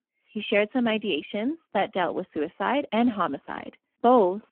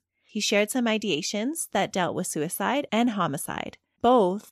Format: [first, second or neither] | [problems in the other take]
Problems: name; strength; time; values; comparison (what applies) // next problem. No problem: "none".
second | phone-call audio; poor line